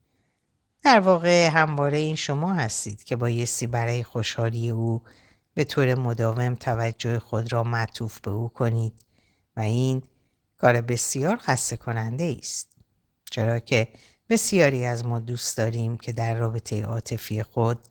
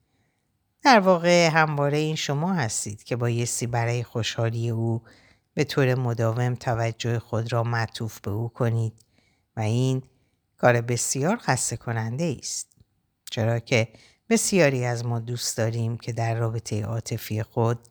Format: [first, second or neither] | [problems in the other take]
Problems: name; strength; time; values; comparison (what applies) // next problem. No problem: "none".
second | garbled, watery; slightly; nothing above 19.5 kHz